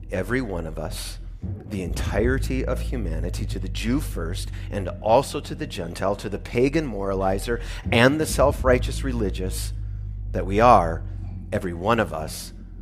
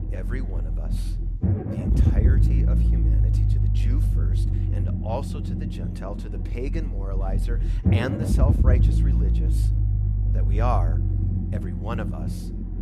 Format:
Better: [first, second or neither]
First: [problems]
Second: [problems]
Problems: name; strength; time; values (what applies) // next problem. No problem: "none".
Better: first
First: low rumble; faint; throughout; 25 dB below the speech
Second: low rumble; loud; throughout; 2 dB below the speech